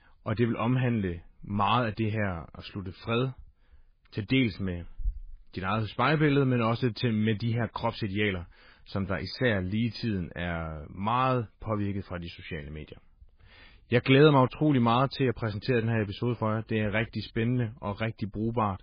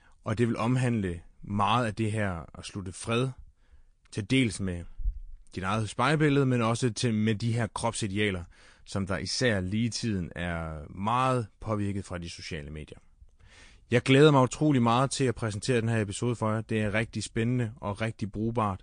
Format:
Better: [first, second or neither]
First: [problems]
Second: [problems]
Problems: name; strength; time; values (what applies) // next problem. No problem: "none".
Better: second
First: garbled, watery; badly; nothing above 5 kHz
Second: garbled, watery; slightly; nothing above 9.5 kHz